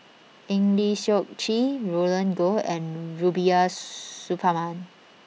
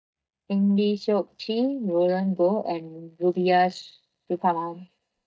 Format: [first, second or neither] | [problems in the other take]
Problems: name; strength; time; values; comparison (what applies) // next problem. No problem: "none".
first | noise reduction (neural mask model DeepFilterNet 3)